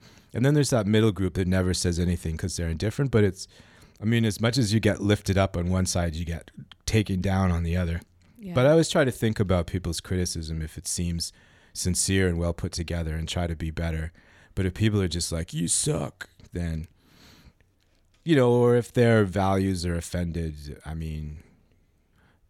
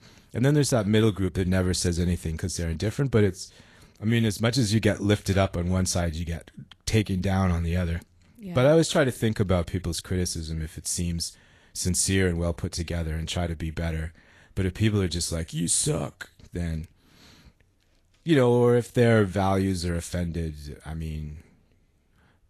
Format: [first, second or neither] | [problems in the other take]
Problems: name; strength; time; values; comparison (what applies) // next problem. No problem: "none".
first | garbled, watery; slightly